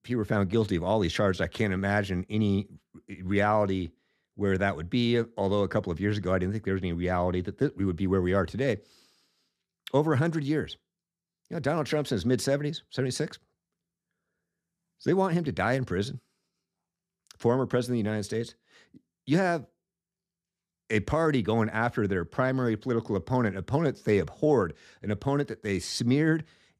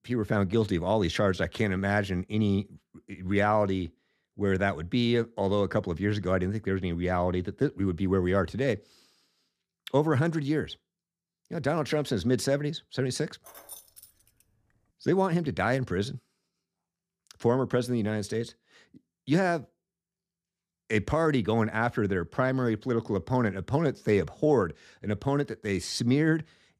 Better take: first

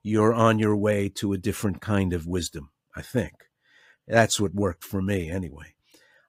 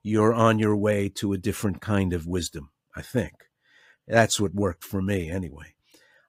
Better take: neither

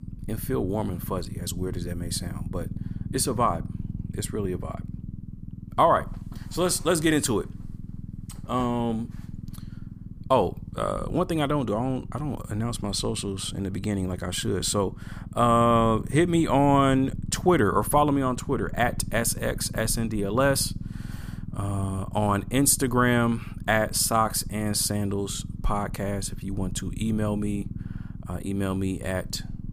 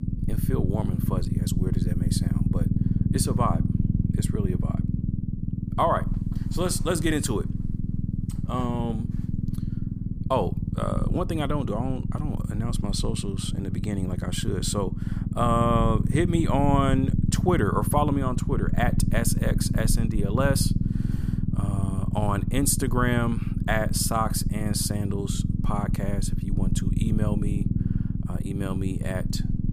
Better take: first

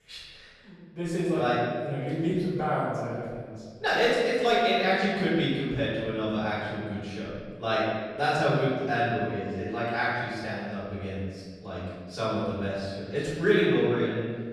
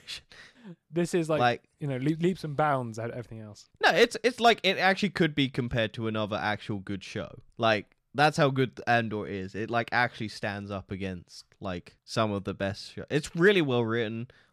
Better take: second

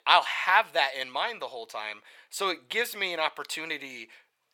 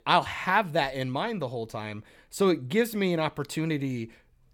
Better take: second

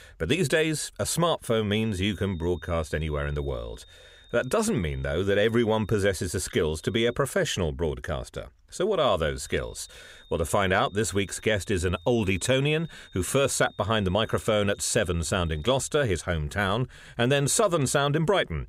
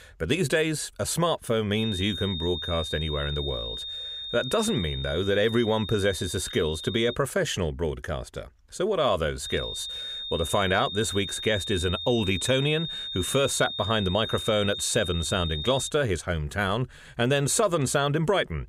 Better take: first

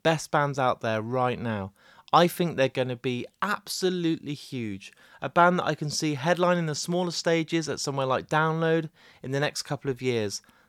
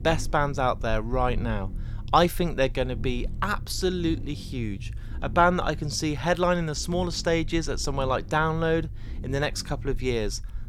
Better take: first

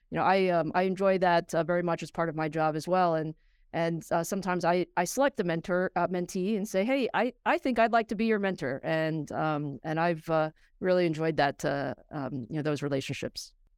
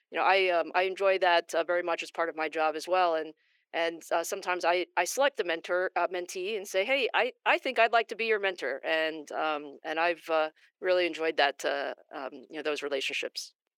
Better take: first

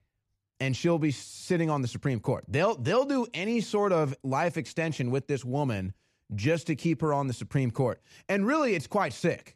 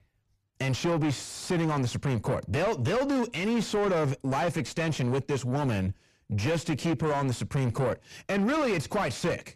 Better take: first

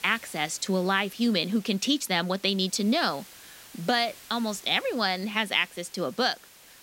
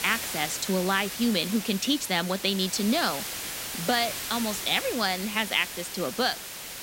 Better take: first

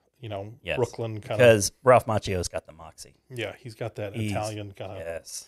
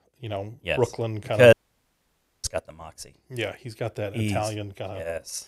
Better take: first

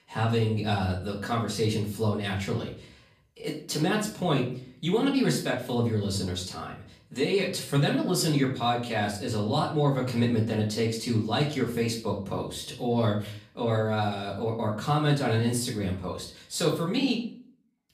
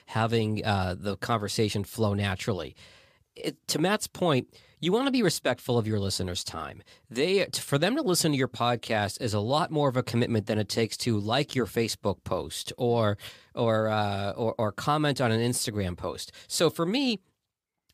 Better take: second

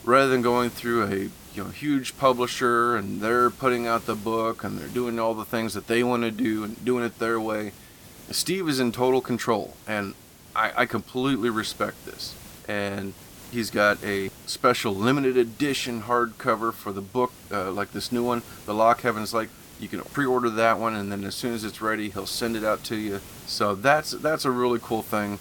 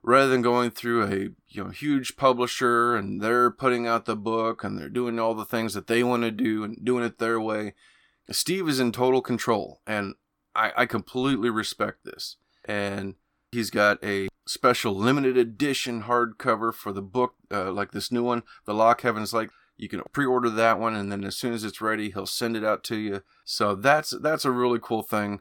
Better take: second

